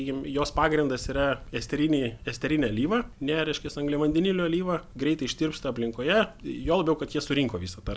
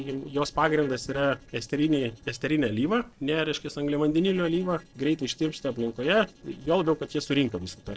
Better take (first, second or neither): first